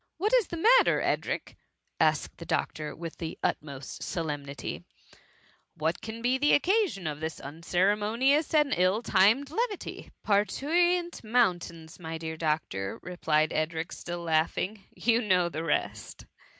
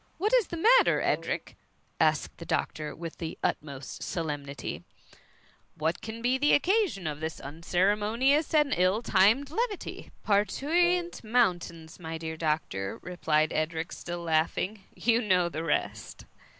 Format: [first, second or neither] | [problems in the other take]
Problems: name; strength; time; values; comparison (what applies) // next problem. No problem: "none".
first | background sound (Wind instrument, woodwind instrument + Rain); 18 dB below the speech